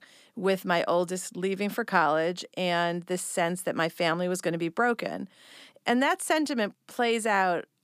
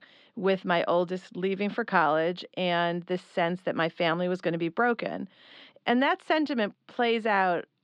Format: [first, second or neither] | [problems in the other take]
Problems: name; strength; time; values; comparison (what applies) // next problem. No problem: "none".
first | muffled; slightly; fading above 4 kHz